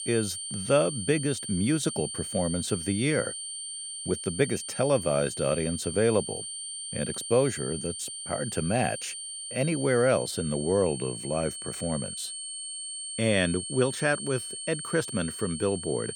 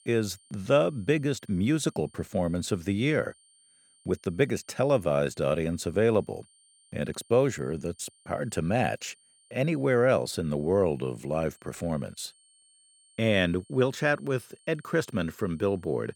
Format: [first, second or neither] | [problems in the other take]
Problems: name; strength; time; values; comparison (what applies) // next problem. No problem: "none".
second | high-pitched whine; loud; throughout; 9 kHz, 6 dB below the speech; faint in the second